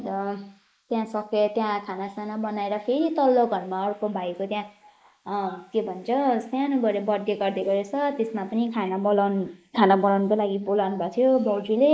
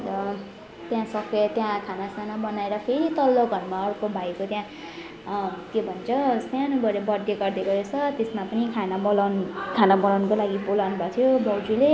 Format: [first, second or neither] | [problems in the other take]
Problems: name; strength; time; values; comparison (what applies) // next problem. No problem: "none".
second | noise reduction (neural mask model Resemble Enhance denoiser)